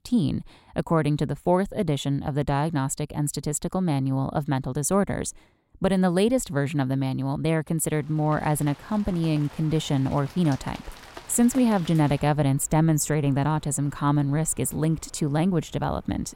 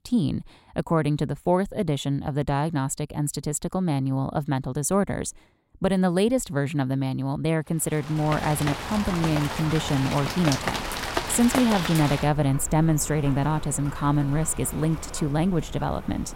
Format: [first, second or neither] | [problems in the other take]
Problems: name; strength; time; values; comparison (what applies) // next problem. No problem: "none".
first | rain or running water; loud; from 8 s on; 7 dB below the speech; faint in the first